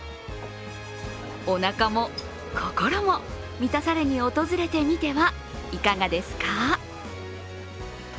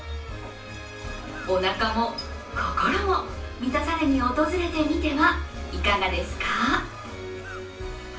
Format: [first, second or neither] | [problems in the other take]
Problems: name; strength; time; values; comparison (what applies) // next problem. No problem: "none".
first | background sound (Cough); 19 dB below the speech // room echo; dies away in 0.3 s